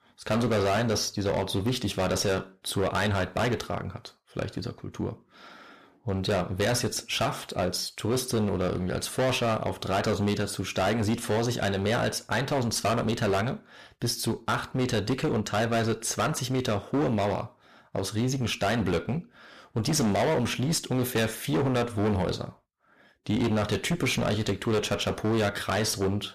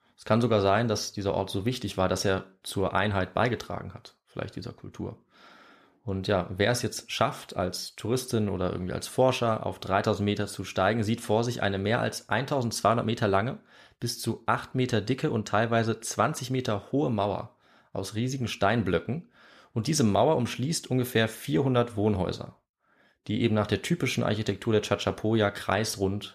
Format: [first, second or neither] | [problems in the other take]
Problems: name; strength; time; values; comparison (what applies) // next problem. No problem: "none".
second | distortion; heavy; 16% of the sound clipped